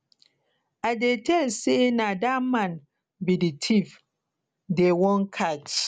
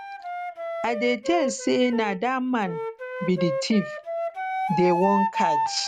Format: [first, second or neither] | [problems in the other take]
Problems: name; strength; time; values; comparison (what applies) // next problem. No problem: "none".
first | background sound (Wind instrument, woodwind instrument); 3 dB below the speech